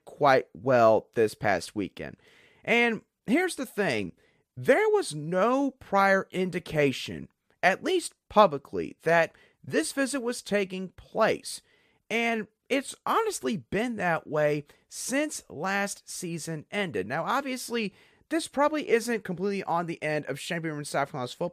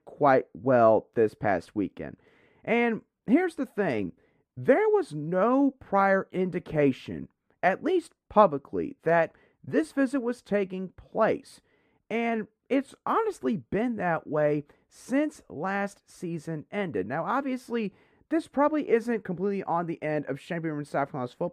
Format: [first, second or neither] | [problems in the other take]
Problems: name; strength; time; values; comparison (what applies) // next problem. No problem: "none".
first | muffled; slightly; fading above 2.5 kHz